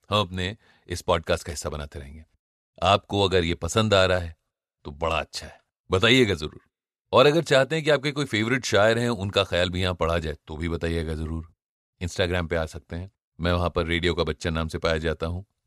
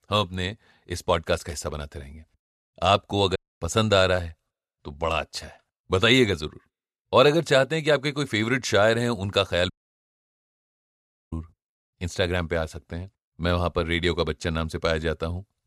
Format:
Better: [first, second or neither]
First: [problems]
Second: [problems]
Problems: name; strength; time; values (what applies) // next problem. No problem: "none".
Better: first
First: none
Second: audio cutting out; at 3.5 s and at 9.5 s for 1.5 s